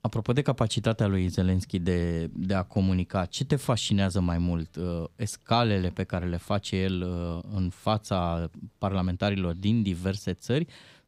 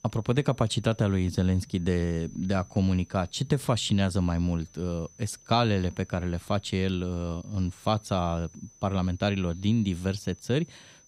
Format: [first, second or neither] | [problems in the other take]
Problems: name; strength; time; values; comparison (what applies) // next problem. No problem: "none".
first | high-pitched whine; faint; throughout; 6 kHz, 25 dB below the speech